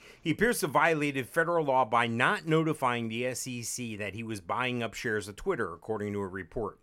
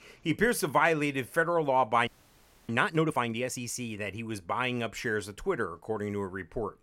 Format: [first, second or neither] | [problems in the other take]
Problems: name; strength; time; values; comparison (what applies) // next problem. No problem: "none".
first | audio freezing; at 2 s for 0.5 s